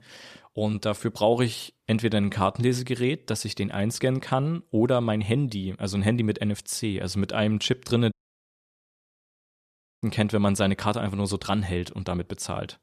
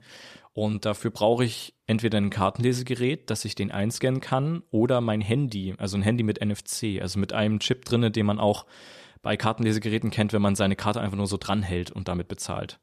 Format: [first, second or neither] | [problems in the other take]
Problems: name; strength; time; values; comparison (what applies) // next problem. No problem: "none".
second | audio cutting out; at 8 s for 2 s